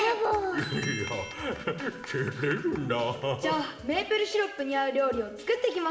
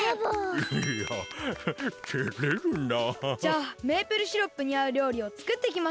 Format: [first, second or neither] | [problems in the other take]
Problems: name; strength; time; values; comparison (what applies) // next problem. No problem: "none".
second | room echo; dies away in 0.8 s